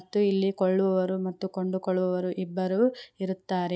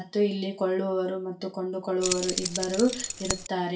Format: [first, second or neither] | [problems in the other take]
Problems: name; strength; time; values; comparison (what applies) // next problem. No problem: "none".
first | background sound (Keys jangling); 3 dB below the speech // room echo; dies away in 0.3 s